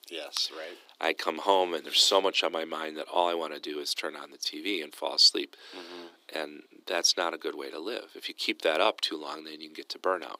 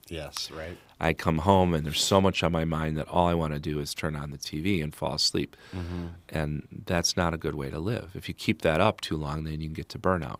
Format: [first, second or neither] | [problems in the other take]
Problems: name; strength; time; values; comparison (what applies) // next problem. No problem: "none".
second | thin; very; fading below 300 Hz